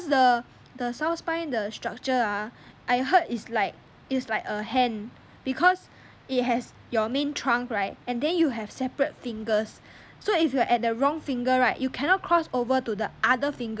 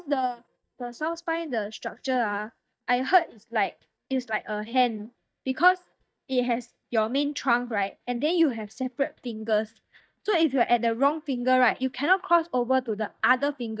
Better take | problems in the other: first | noise reduction (neural mask model DeepFilterNet 3)

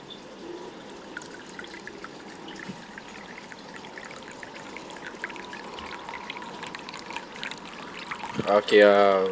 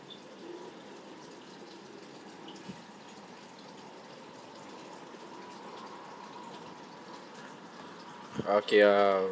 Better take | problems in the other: second | background sound (Liquid); 15 dB below the speech

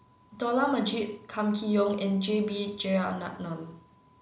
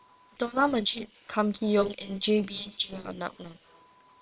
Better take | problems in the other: first | noise reduction (neural separator model SepFormer WHAM!)

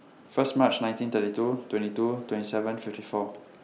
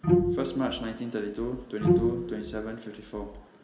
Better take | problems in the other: first | background sound (Bowed string instrument); 5 dB above the speech // room echo; dies away in 1.7 s

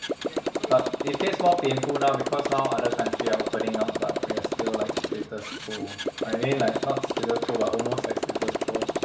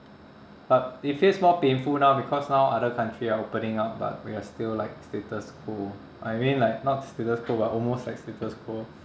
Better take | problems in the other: second | background sound (Motorcycle); as loud as the speech // room echo; dies away in 0.1 s

